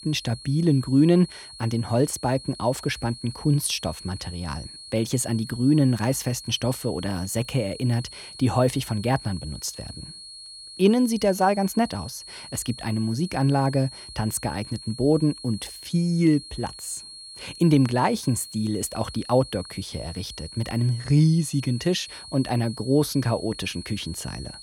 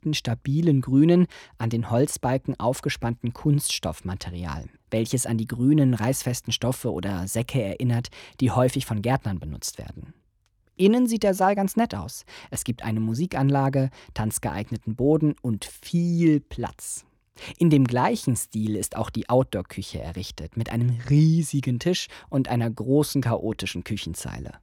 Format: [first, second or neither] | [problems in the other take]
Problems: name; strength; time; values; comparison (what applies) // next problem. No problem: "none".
second | high-pitched whine; noticeable; throughout; 4.5 kHz, 15 dB below the speech